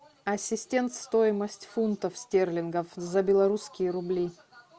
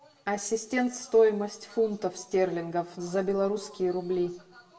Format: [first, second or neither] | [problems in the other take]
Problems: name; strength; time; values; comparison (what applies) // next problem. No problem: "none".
first | room echo; dies away in 0.5 s